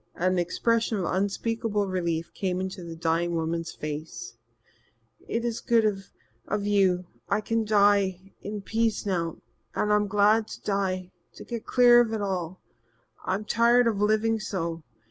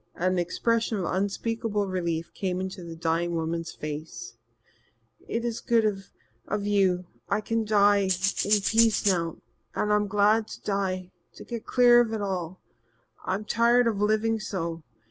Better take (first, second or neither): first